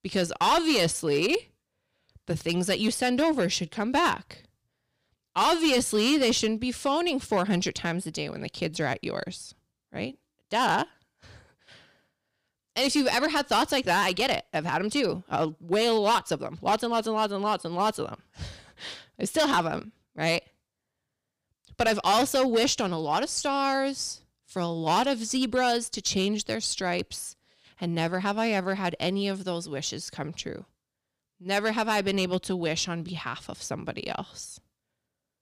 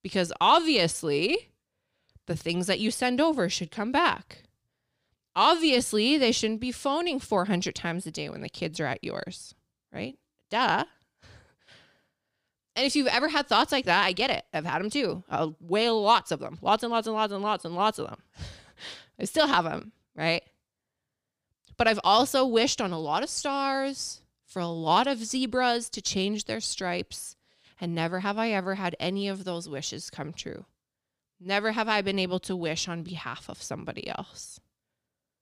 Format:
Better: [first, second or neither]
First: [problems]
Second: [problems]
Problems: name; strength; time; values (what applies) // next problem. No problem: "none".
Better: second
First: distortion; slight; 4% of the sound clipped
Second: none